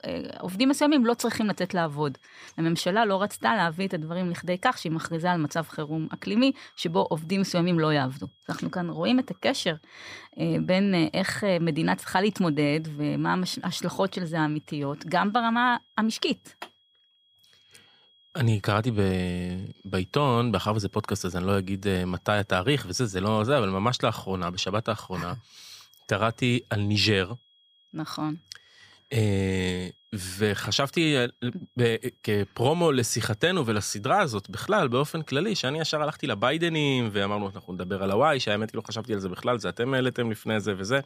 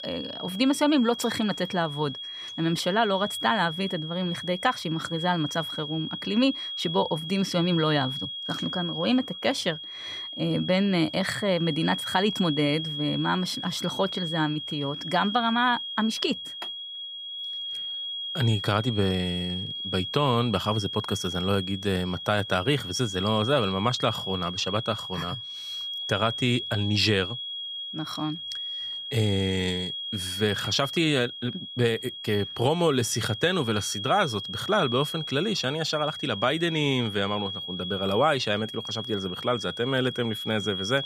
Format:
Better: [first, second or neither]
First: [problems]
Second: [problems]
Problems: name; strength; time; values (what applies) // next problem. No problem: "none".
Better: first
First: high-pitched whine; faint; throughout; 3.5 kHz, 35 dB below the speech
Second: high-pitched whine; loud; throughout; 3.5 kHz, 6 dB below the speech